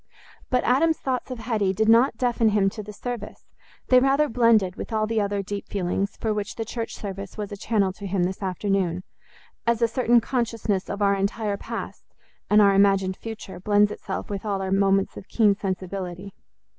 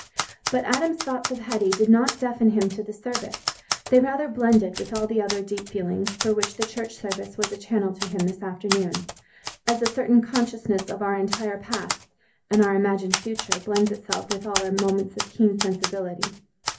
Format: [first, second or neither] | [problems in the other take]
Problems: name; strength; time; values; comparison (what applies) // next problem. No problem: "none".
first | background sound (Typewriter); 8 dB below the speech // room echo; dies away in 0.3 s